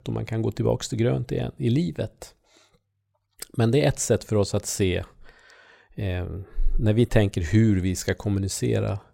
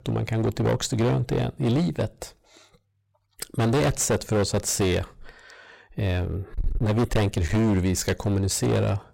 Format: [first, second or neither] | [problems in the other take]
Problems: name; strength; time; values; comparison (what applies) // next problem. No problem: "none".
first | distortion; heavy; 17% of the sound clipped